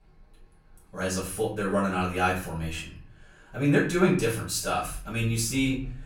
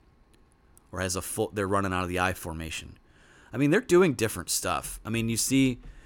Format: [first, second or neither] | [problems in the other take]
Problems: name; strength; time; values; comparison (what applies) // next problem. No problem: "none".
second | off-mic speech; far // room echo; slight; dies away in 0.5 s